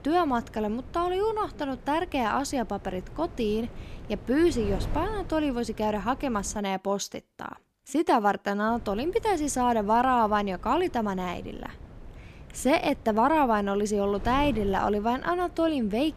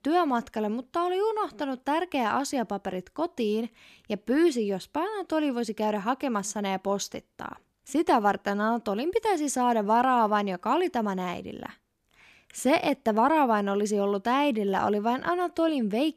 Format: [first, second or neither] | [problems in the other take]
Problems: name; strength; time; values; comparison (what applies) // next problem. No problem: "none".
second | wind noise on the microphone; occasional gusts; until 6.5 s and from 8.5 s on; 25 dB below the speech